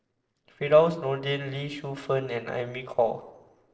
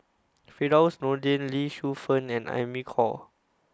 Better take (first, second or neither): second